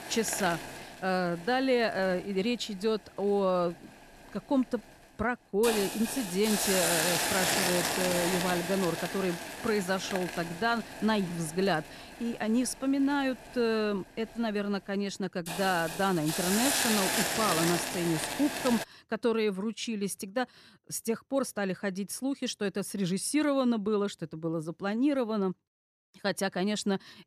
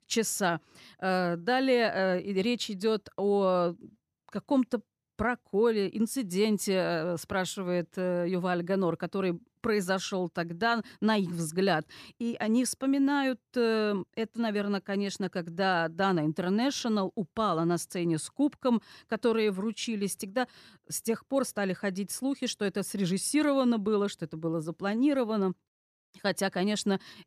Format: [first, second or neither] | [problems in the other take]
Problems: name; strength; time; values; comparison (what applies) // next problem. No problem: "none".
second | hiss; loud; until 19 s; 1 dB below the speech